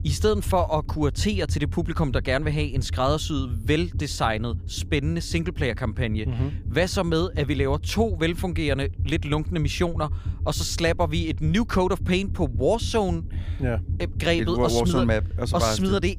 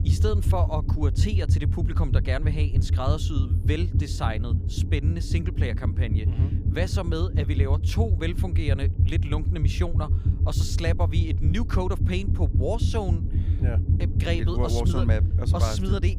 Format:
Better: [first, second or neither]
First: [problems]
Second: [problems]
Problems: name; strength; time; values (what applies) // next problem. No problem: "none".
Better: first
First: low rumble; faint; throughout; 20 dB below the speech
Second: low rumble; loud; throughout; 7 dB below the speech